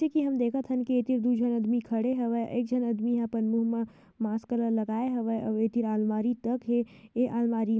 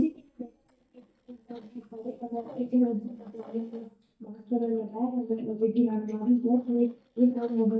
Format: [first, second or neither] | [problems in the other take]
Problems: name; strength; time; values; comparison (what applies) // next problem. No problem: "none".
first | noise reduction (neural mask model DeepFilterNet 3)